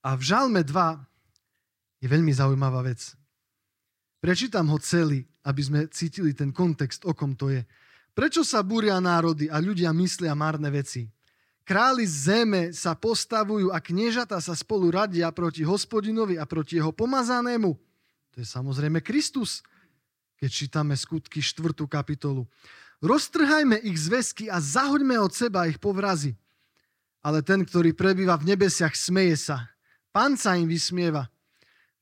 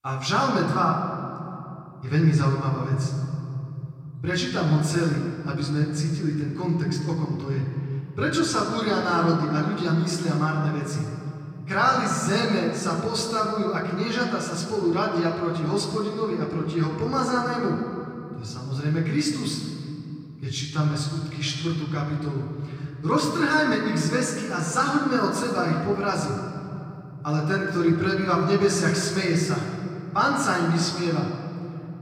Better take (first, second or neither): first